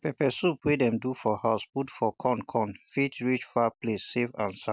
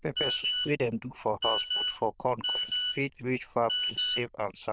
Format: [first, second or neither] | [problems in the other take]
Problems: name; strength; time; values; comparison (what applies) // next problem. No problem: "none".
first | noise reduction (neural diffusion model UNIVERSE++)